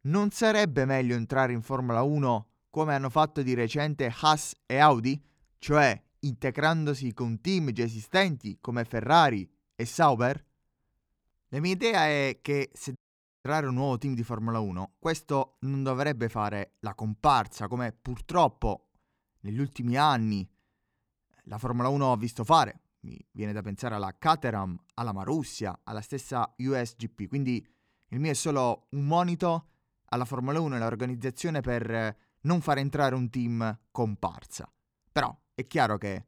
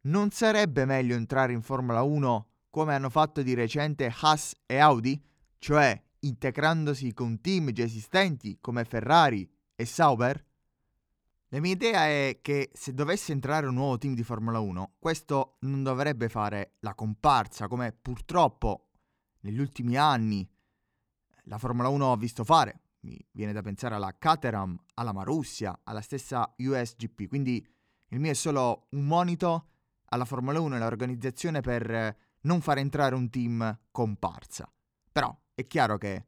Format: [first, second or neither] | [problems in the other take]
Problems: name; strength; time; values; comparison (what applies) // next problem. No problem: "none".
second | audio cutting out; at 13 s